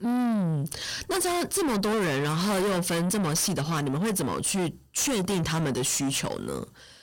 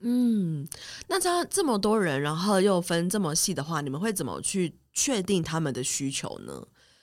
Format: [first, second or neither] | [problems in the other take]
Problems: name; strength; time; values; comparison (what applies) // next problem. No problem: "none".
second | distortion; heavy; 6 dB below the speech